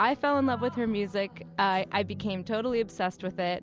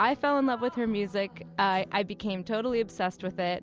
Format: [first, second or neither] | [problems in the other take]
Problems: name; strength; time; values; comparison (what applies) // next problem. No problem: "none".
second | background sound (Ringtone); 17 dB below the speech